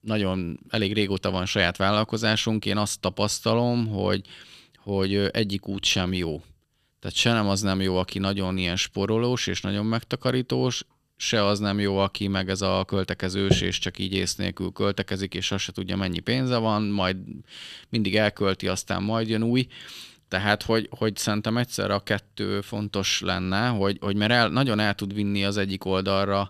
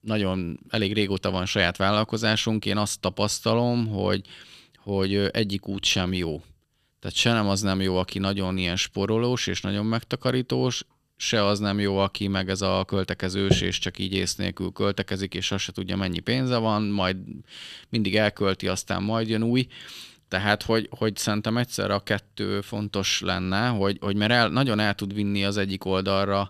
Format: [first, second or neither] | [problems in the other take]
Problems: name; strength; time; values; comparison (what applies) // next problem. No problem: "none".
neither | none